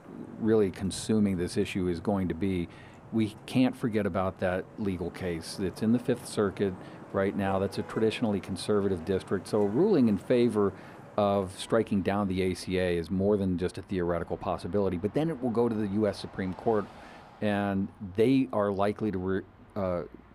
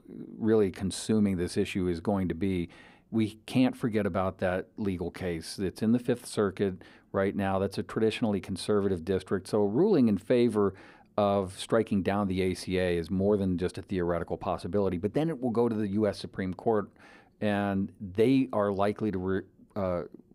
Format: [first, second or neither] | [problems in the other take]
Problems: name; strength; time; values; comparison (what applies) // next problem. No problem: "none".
second | traffic noise; noticeable; throughout; 20 dB below the speech